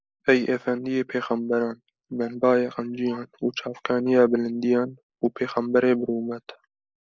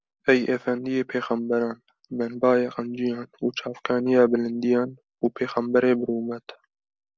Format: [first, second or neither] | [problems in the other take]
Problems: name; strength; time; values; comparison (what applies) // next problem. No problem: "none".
second | noise reduction (neural mask model Resemble Enhance denoiser)